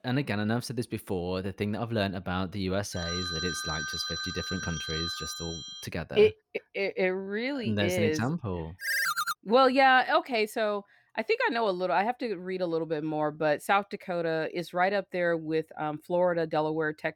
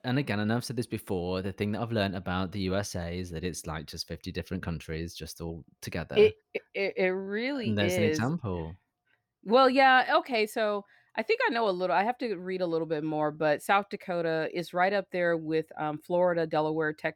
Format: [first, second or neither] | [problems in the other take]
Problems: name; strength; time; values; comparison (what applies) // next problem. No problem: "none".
second | phone ringing; noticeable; from 3 to 6 s; peak 3 dB below the speech // phone ringing; loud; at 9 s; peak 2 dB above the speech